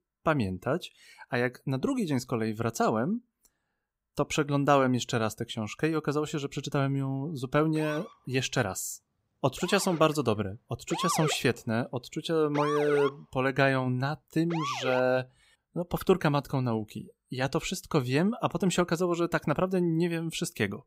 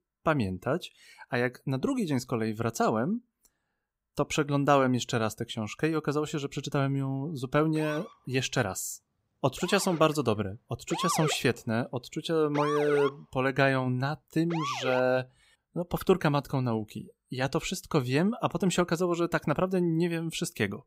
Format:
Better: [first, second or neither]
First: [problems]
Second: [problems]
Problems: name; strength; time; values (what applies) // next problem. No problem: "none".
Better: neither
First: siren; noticeable; from 8 to 15 s; peak 2 dB below the speech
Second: siren; noticeable; from 8 to 15 s; peak 2 dB below the speech